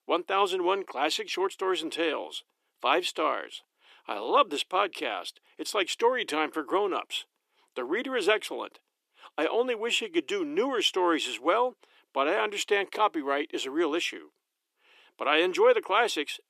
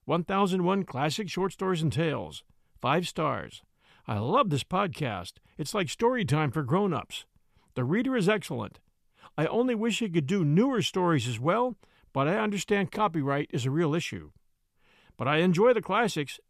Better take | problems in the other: second | thin; very; fading below 300 Hz

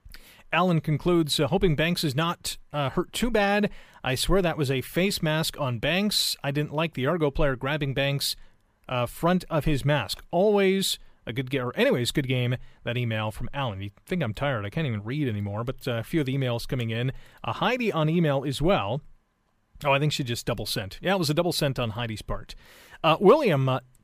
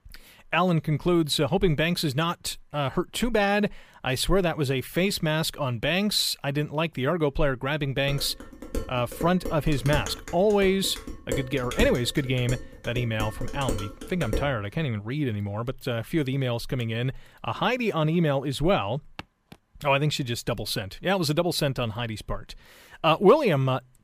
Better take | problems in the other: first | clattering dishes; noticeable; from 8 to 14 s; peak 6 dB below the speech // footsteps; very faint; at 19 s; peak 20 dB below the speech

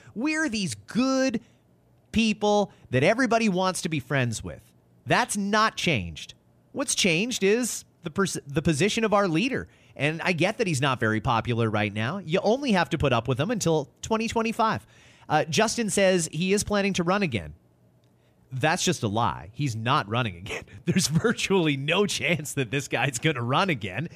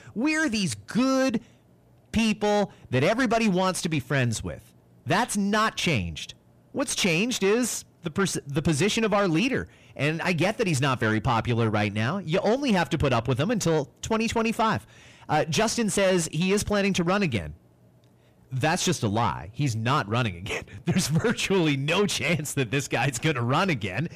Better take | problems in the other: first | distortion; slight; 10 dB below the speech

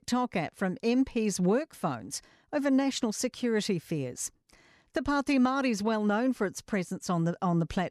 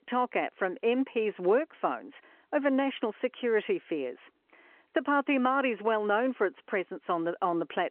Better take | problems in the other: first | phone-call audio

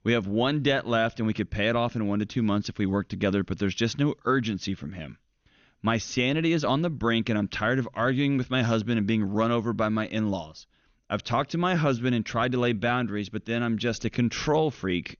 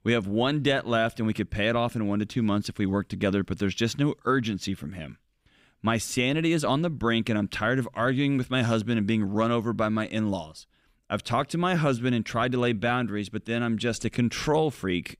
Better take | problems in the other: second | garbled, watery; slightly; nothing above 6.5 kHz

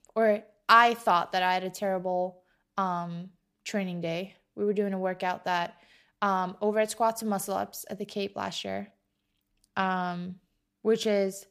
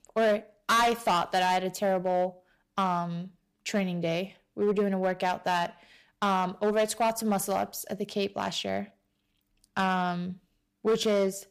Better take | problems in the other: first | distortion; heavy; 6% of the sound clipped

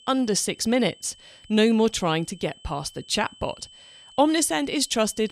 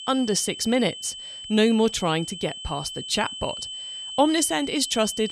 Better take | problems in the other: first | high-pitched whine; loud; throughout; 3 kHz, 10 dB below the speech; faint in the first

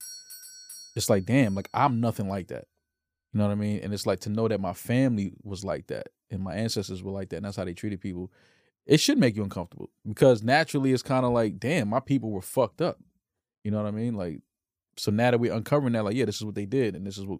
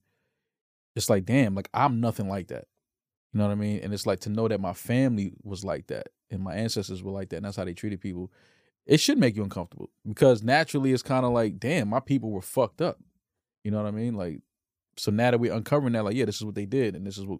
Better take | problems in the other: second | doorbell; faint; until 1.5 s; peak 15 dB below the speech

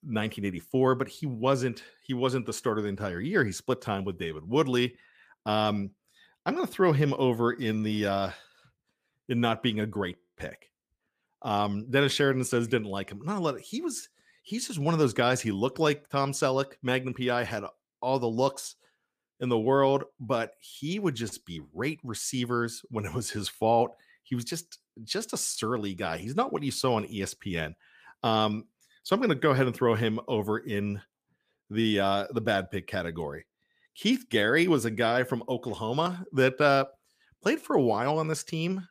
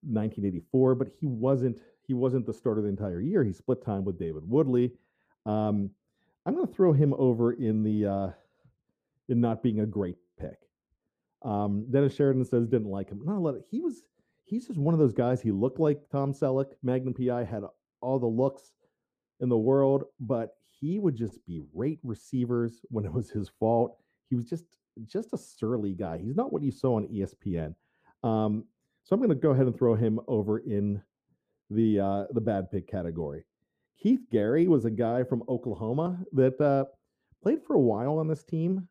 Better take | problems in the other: first | muffled; very; fading above 1 kHz

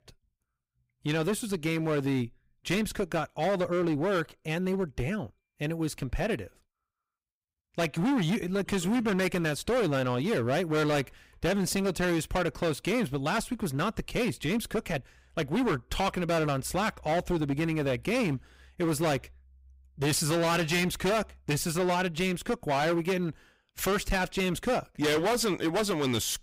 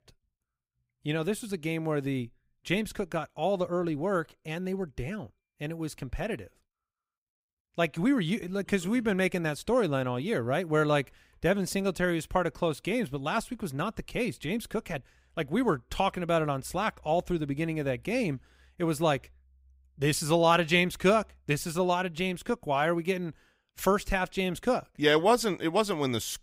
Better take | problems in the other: second | distortion; heavy; 16% of the sound clipped

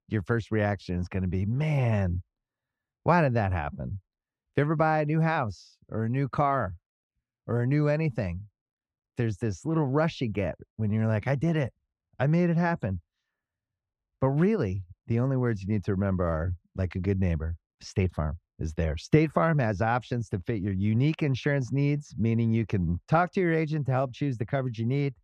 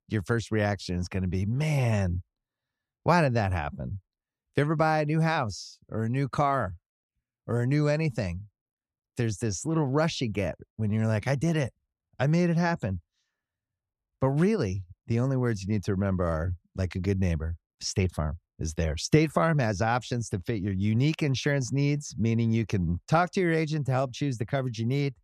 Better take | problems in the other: second | muffled; slightly; fading above 4 kHz

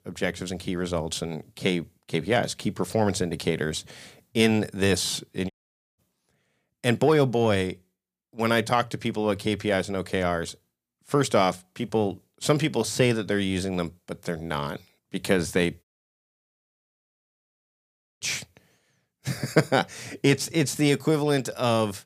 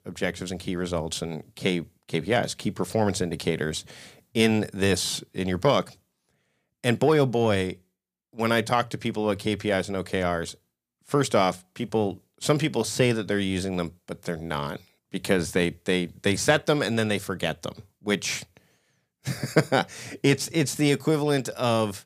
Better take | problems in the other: second | audio cutting out; at 5.5 s and at 16 s for 2.5 s

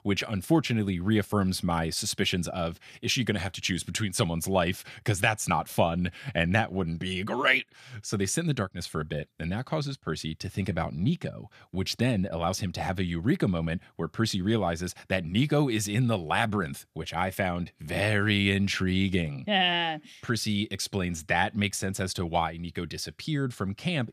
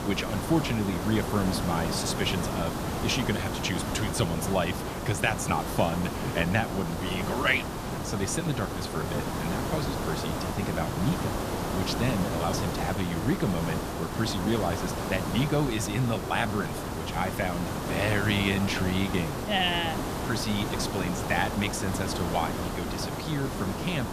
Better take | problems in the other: first | hiss; loud; throughout; 2 dB below the speech

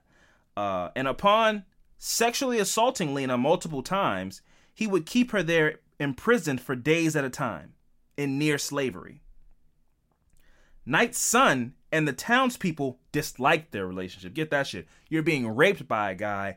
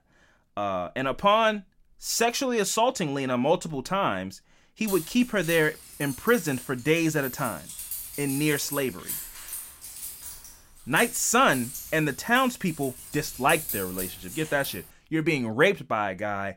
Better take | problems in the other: first | jangling keys; noticeable; from 5 to 15 s; peak 4 dB below the speech

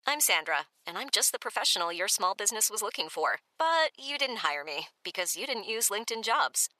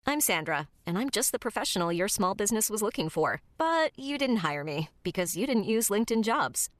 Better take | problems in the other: second | thin; very; fading below 750 Hz

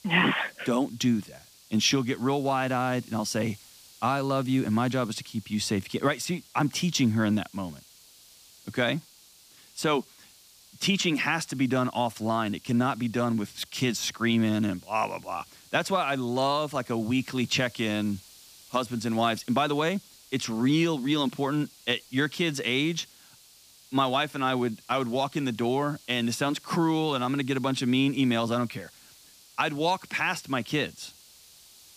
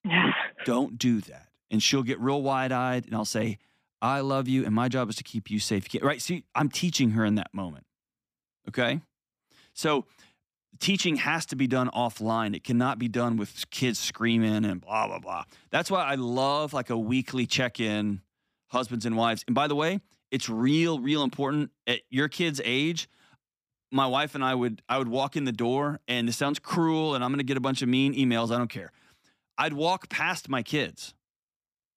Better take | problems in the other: second | hiss; faint; throughout; 25 dB below the speech

